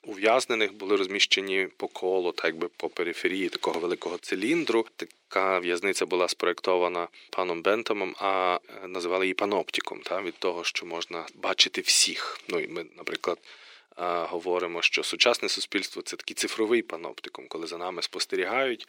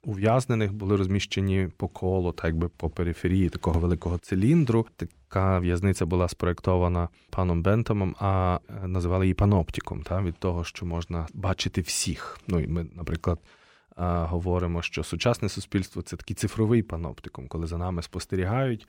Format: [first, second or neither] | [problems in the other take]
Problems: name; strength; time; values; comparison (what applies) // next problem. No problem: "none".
second | thin; very; fading below 350 Hz